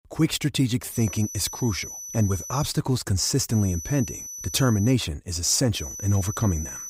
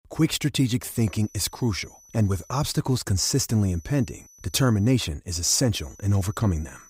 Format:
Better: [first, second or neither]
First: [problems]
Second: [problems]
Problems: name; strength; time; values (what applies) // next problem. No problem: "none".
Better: second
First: high-pitched whine; loud; from 1 to 2.5 s, from 3.5 to 5 s and from 6 s on; 6 kHz, 10 dB below the speech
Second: high-pitched whine; faint; from 1 to 2.5 s, from 3.5 to 5 s and from 6 s on; 6 kHz, 25 dB below the speech